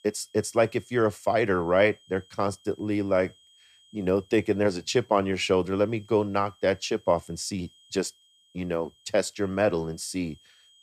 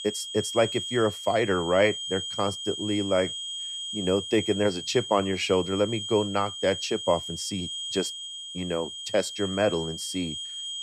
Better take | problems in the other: first | high-pitched whine; loud; throughout; 3 kHz, 6 dB below the speech; faint in the first

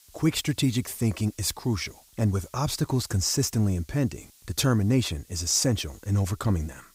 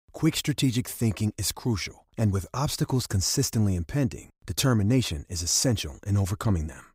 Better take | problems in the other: second | hiss; faint; throughout; 30 dB below the speech

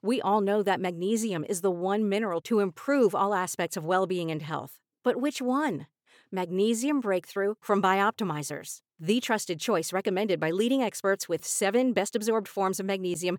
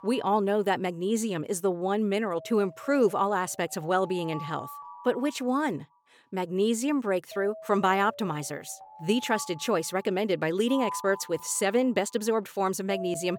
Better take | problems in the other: first | alarms or sirens; noticeable; throughout; 15 dB below the speech

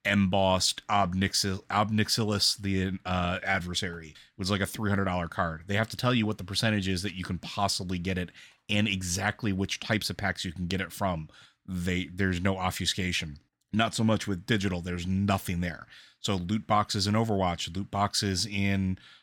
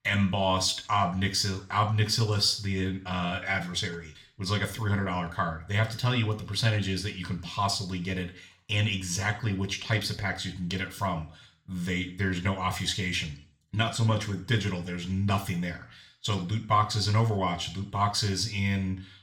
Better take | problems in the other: first | room echo; very slight; dies away in 0.4 s

